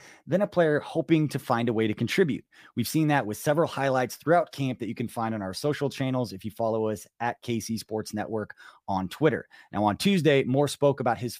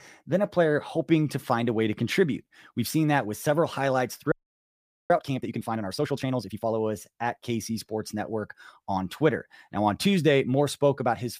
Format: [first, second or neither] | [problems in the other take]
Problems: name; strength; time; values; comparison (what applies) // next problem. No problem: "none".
first | audio freezing; at 4.5 s for 1 s